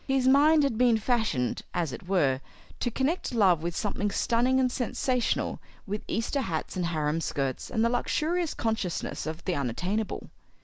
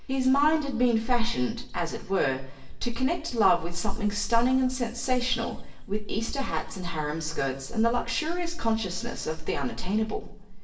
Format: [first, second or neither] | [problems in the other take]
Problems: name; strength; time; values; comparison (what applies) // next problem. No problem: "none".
first | room echo; dies away in 0.9 s